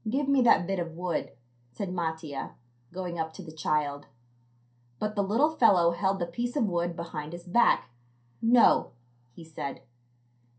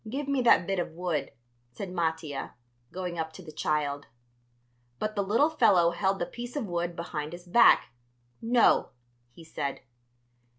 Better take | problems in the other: second | room echo; dies away in 0.3 s

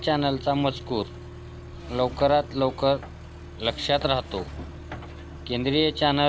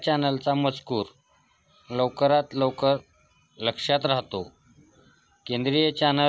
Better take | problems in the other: second | background sound (Accelerating, revving, vroom); 13 dB below the speech

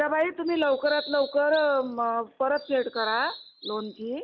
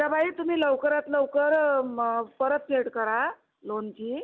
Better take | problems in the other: second | background sound (Bird vocalization, bird call, bird song); 15 dB below the speech

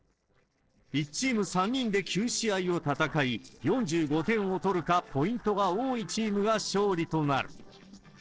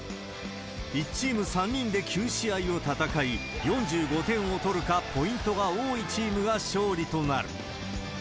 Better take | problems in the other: second | noise reduction (neural separator model SepFormer DNS4)

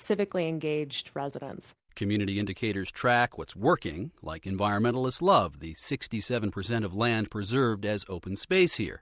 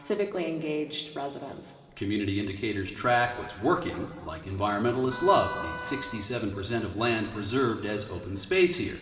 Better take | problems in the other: first | background sound (Wind instrument, woodwind instrument); 12 dB below the speech // room echo; dies away in 2.1 s

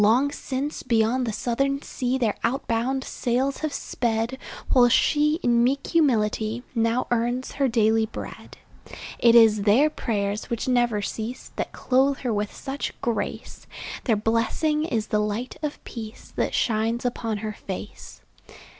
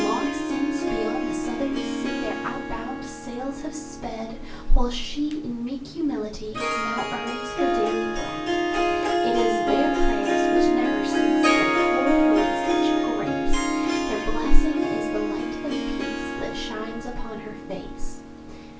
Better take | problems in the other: first | background sound (Harp); 1 dB above the speech // room echo; dies away in 0.3 s

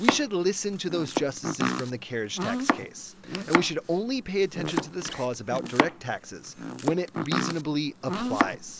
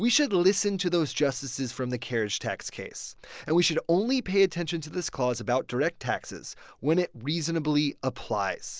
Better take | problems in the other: second | background sound (Domestic sounds, home sounds); 1 dB below the speech

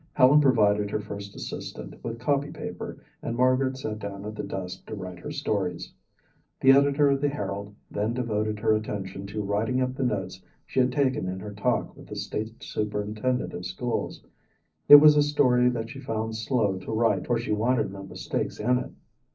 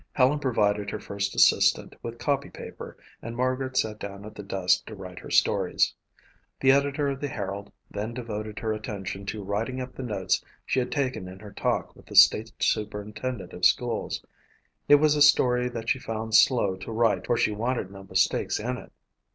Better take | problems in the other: second | room echo; dies away in 0.4 s

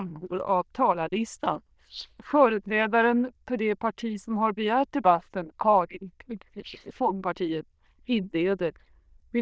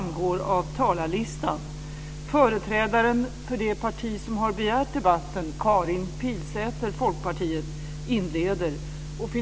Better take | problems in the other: second | noise reduction (neural diffusion model UNIVERSE++)

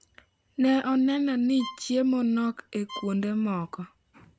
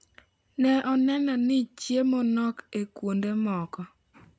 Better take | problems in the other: second | background sound (Bowed string instrument); 19 dB below the speech

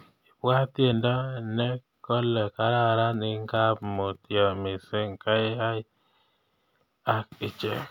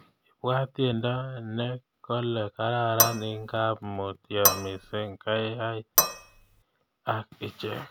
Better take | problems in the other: first | background sound (Cutlery, silverware / Dishes, pots, and pans); 3 dB above the speech

